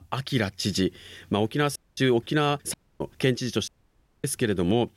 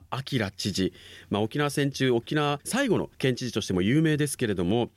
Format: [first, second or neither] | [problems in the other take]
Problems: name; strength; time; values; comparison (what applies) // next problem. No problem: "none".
second | audio cutting out; at 2 s, at 2.5 s and at 3.5 s for 0.5 s